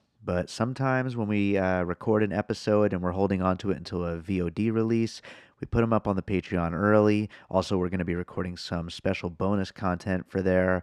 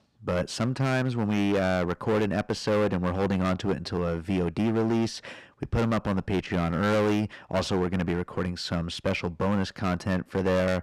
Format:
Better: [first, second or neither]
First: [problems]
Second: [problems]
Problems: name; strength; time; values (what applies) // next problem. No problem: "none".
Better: first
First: none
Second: distortion; heavy; 14% of the sound clipped